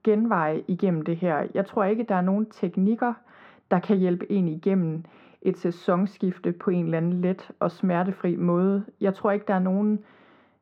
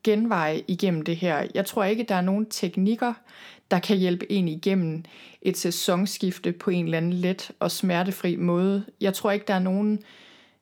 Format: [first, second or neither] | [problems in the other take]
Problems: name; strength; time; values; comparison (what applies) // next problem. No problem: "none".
second | muffled; very; fading above 3.5 kHz